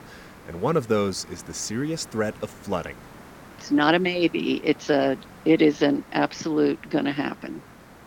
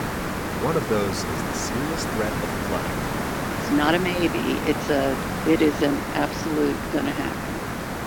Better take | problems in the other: first | hiss; loud; throughout; 2 dB below the speech; faint in the first

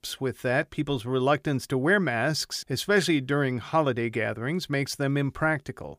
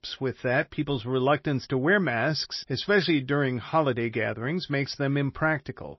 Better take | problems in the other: first | garbled, watery; slightly; nothing above 5.5 kHz

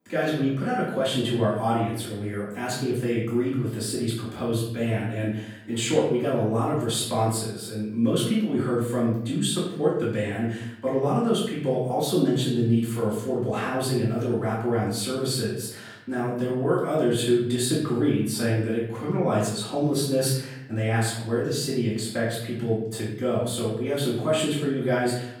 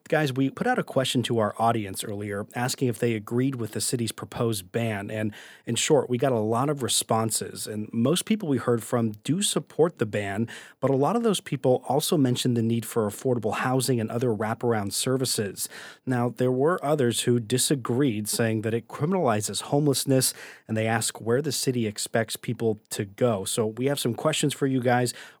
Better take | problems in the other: second | room echo; noticeable; dies away in 0.7 s // off-mic speech; far

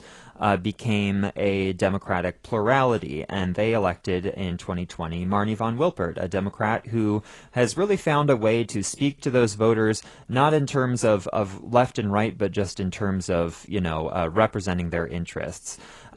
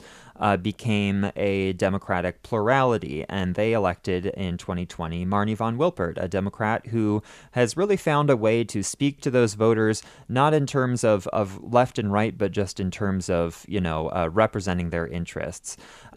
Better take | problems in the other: second | garbled, watery; slightly; nothing above 10.5 kHz

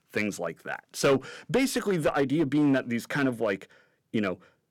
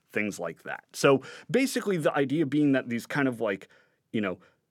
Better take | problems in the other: second | distortion; slight; 4% of the sound clipped

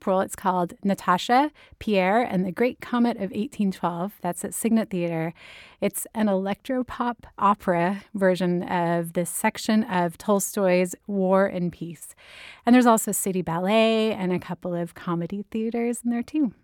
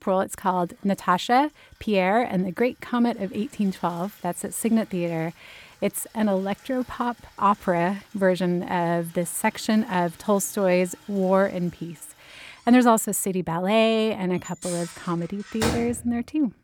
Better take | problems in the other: first | household noises; noticeable; throughout; 15 dB below the speech

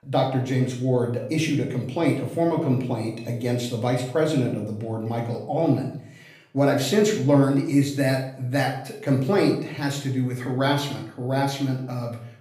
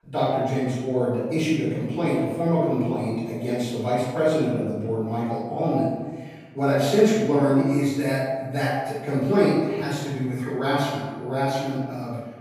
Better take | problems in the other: first | room echo; strong; dies away in 1.3 s; slight in the first // off-mic speech; far; far in the first

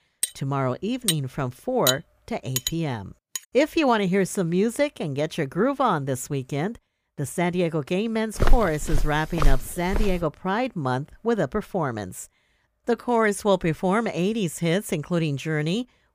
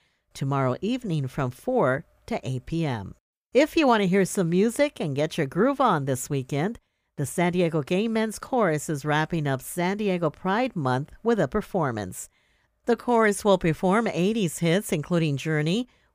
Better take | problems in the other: second | clattering dishes; loud; until 3.5 s; peak 1 dB above the speech // footsteps; noticeable; from 8.5 to 10 s; peak level with the speech

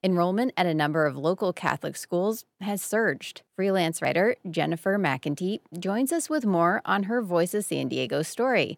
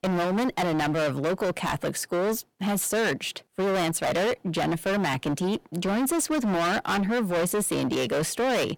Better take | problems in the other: first | distortion; heavy; 31% of the sound clipped

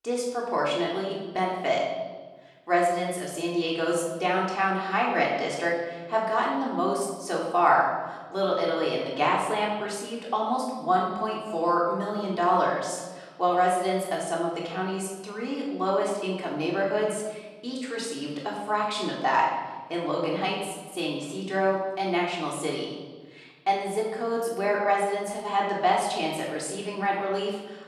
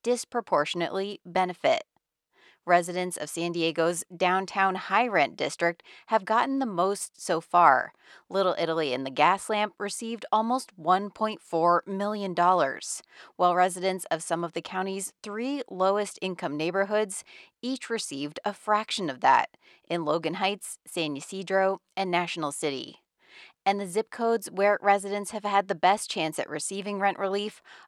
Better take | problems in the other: second | off-mic speech; far // room echo; noticeable; dies away in 1.2 s

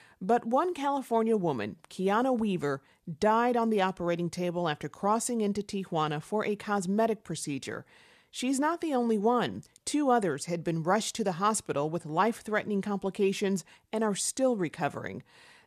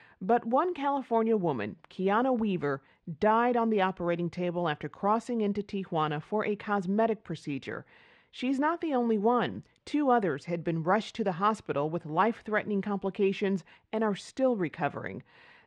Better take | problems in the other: first | muffled; slightly; fading above 2.5 kHz

